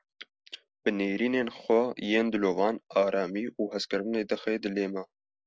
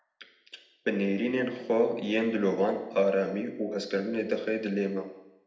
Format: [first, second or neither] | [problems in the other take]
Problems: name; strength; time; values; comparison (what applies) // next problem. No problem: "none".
first | room echo; dies away in 0.8 s